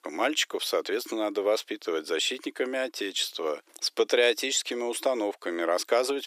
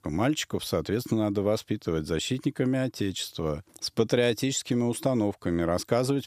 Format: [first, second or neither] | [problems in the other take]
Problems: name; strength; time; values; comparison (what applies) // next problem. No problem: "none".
second | thin; very; fading below 350 Hz